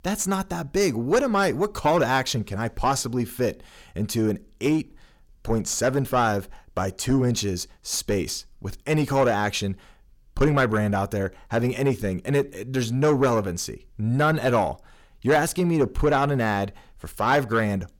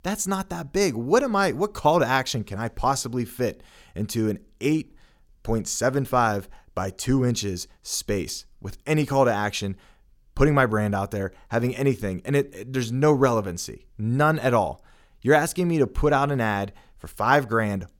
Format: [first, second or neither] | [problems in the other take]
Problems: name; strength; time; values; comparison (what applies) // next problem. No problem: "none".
second | distortion; slight; 10 dB below the speech